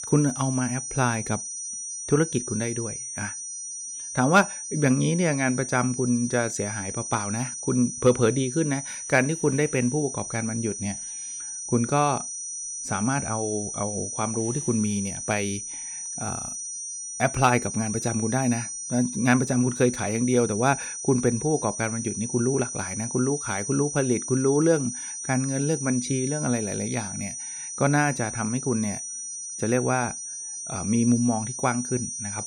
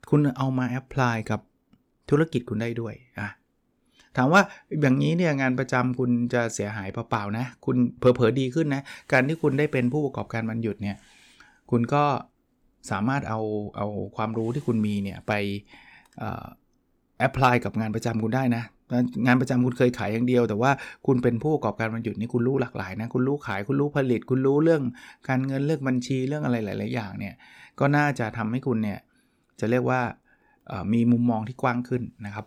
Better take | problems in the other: second | high-pitched whine; loud; throughout; 6 kHz, 6 dB below the speech

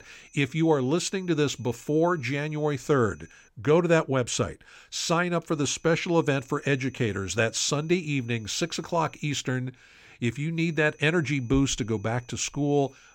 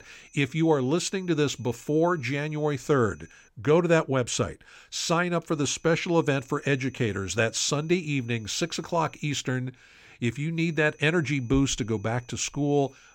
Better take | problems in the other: neither | high-pitched whine; faint; until 3.5 s, from 5.5 to 9.5 s and from 11 s on; 6 kHz, 30 dB below the speech; the same in both

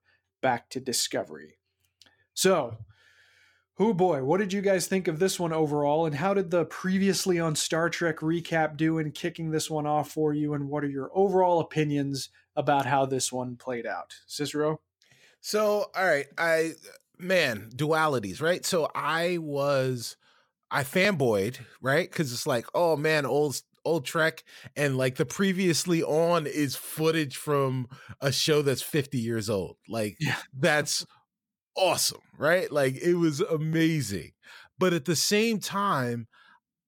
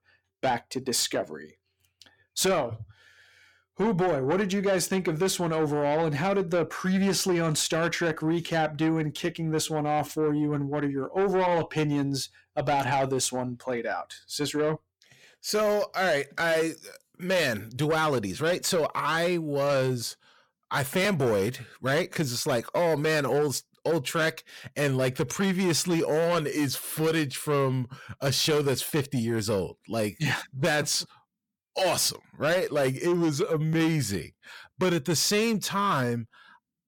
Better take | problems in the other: first | distortion; slight; 10 dB below the speech

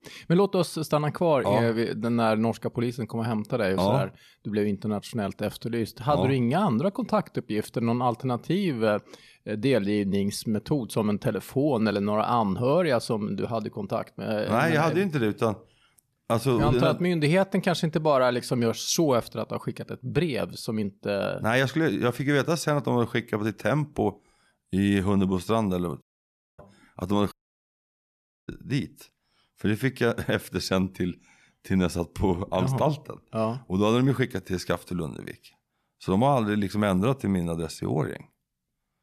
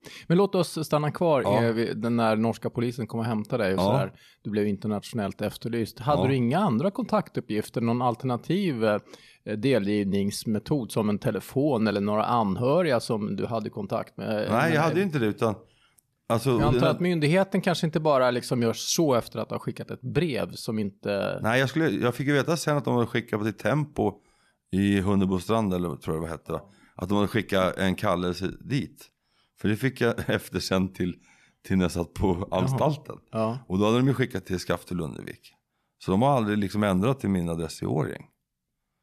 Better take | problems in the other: second | audio cutting out; at 26 s for 0.5 s and at 27 s for 1 s

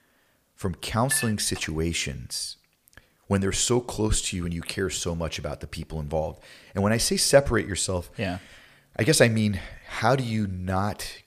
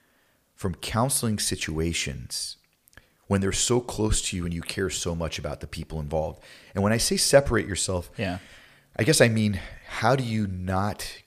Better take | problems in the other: second | clattering dishes; noticeable; at 1 s; peak 6 dB below the speech

